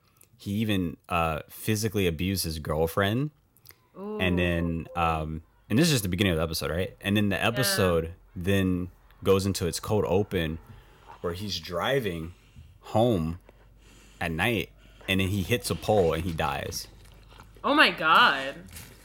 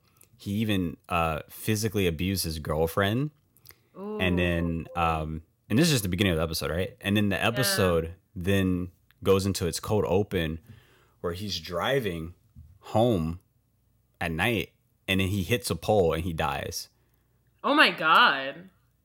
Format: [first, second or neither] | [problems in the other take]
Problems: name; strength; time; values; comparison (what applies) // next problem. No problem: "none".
second | animal sounds; faint; throughout; 25 dB below the speech